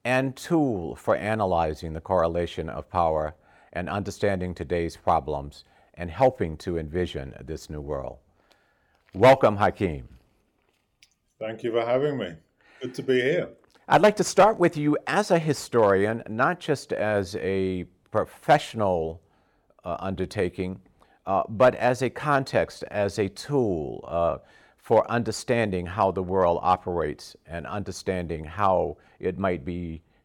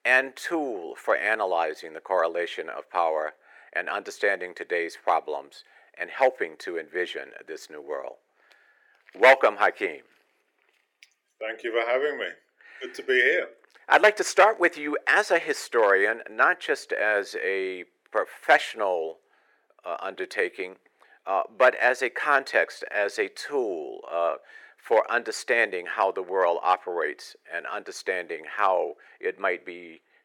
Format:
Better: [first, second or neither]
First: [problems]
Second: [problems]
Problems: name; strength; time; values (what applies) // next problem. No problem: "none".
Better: first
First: none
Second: thin; very; fading below 400 Hz